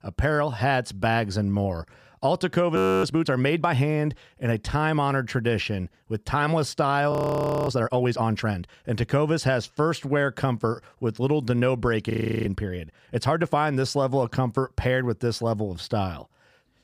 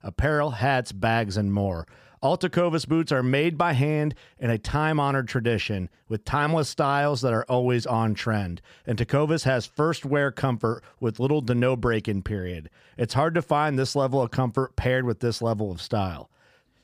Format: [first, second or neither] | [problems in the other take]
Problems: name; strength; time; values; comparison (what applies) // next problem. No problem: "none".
second | audio freezing; at 3 s, at 7 s for 0.5 s and at 12 s